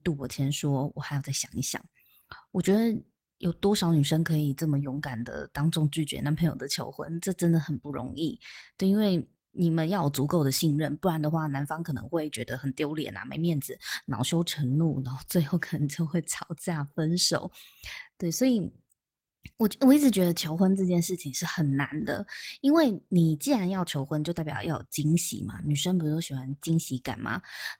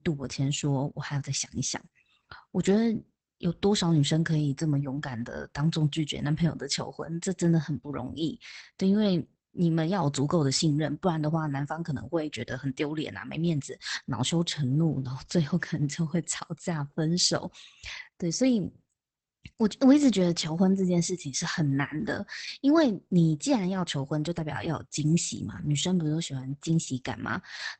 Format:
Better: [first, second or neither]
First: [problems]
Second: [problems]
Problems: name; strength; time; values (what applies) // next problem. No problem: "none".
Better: first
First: garbled, watery; slightly; nothing above 16.5 kHz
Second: garbled, watery; badly; nothing above 8 kHz